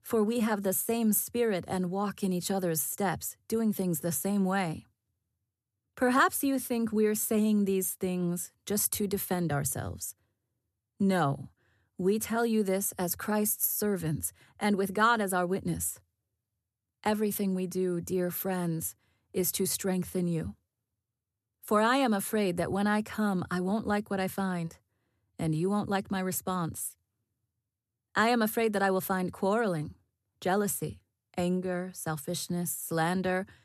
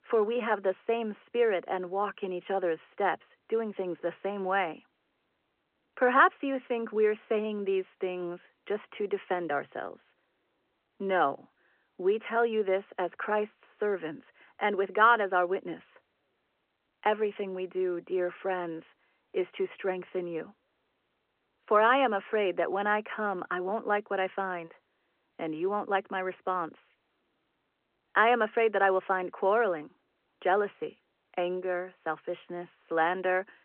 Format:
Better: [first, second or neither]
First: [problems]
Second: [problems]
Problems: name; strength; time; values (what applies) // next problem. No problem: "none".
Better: first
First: none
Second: phone-call audio